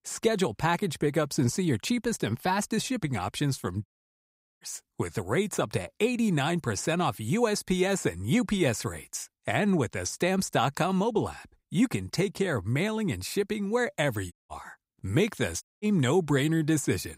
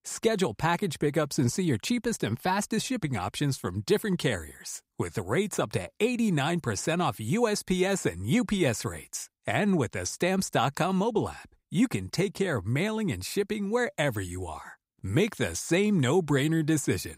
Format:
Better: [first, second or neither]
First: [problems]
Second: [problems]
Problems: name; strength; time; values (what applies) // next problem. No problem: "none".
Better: second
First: audio cutting out; at 4 s for 1 s, at 14 s and at 16 s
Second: none